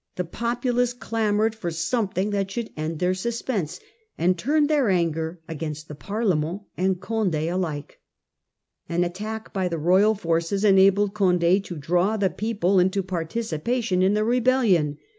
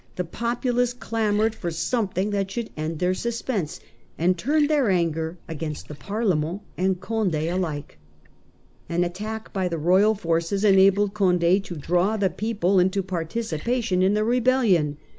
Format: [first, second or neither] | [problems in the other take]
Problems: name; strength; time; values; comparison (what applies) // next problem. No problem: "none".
first | background sound (Liquid); 19 dB below the speech